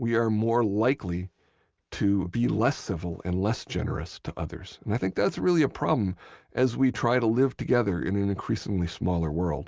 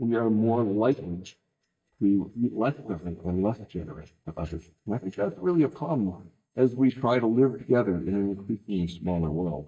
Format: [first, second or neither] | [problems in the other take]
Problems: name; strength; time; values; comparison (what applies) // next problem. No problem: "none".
first | noise reduction (neural mask model DeepFilterNet 3)